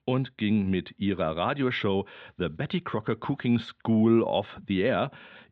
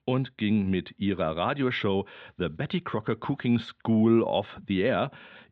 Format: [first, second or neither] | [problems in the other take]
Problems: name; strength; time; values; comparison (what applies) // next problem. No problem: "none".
neither | muffled; very; fading above 3.5 kHz; the same in both